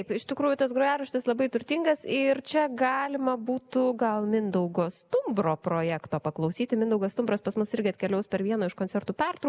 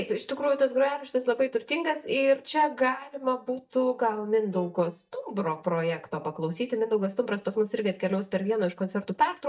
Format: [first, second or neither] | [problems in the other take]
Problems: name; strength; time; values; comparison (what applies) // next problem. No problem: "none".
first | noise reduction (neural mask model DeepFilterNet 3)